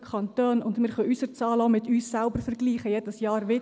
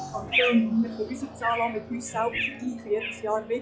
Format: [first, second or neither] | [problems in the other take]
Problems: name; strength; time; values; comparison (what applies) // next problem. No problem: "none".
first | noise reduction (classical method log-MMSE)